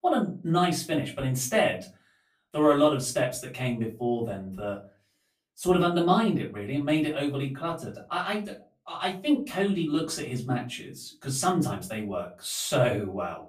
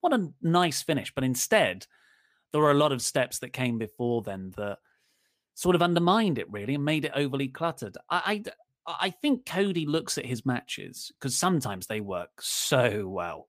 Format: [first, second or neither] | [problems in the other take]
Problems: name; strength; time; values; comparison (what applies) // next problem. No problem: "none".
second | off-mic speech; far // room echo; very slight; dies away in 0.3 s